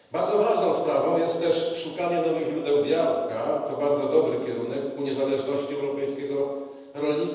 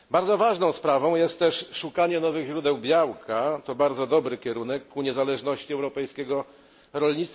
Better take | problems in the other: second | room echo; dies away in 1.1 s

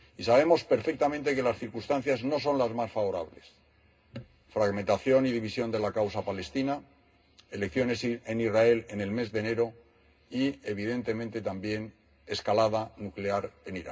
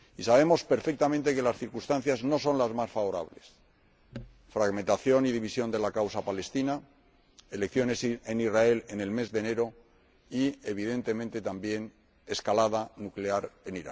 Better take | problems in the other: second | room echo; dies away in 0.2 s

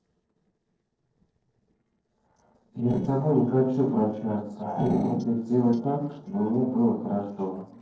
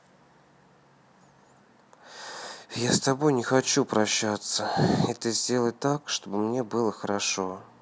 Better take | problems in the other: second | noise reduction (neural separator model SepFormer DNS4)

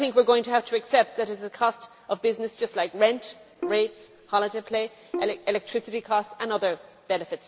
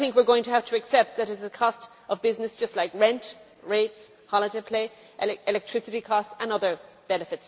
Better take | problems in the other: second | background sound (Bowed string instrument); 11 dB below the speech

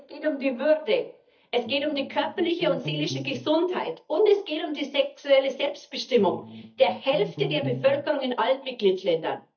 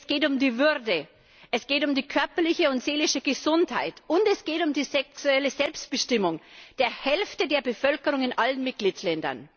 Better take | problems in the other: second | noise reduction (neural mask model DeepFilterNet 3)

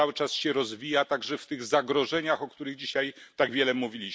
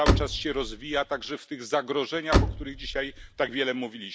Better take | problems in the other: first | background sound (Slam); 2 dB above the speech

